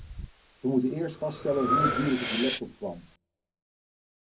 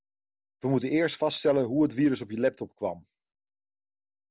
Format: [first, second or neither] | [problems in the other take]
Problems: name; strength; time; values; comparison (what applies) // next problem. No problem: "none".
second | background sound (Breathing); 3 dB below the speech // room echo; dies away in 0.3 s